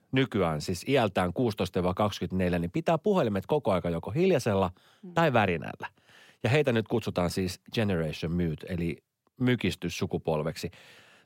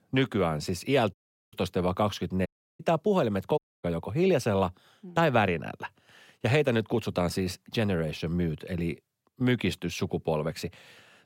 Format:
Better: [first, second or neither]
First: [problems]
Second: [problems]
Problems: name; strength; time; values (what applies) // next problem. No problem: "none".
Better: first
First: none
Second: audio cutting out; at 1 s, at 2.5 s and at 3.5 s